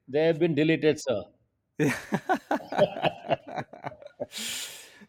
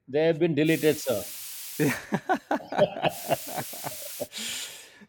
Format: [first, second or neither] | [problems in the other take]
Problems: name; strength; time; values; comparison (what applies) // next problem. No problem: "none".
first | hiss; loud; from 0.5 to 2 s and from 3 to 4.5 s; 9 dB below the speech